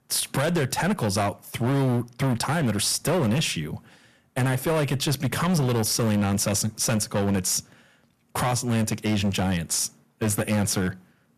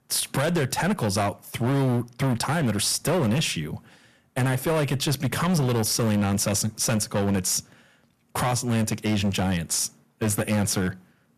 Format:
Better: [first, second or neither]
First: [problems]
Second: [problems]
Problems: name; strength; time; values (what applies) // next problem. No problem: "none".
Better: neither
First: distortion; heavy; 16% of the sound clipped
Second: distortion; heavy; 16% of the sound clipped